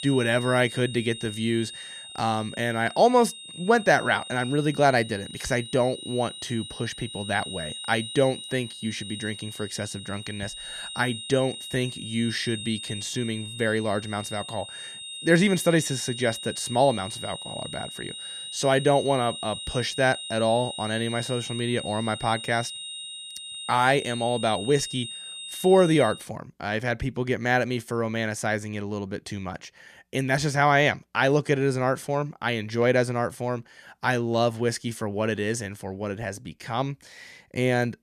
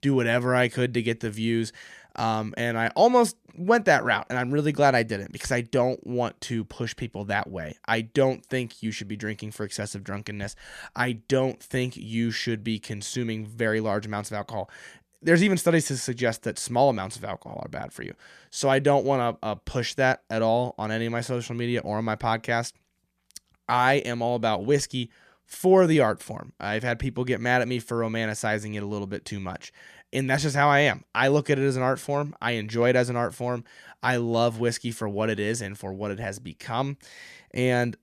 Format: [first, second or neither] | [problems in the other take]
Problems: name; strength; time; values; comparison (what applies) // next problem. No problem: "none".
second | high-pitched whine; loud; until 26 s; 4 kHz, 10 dB below the speech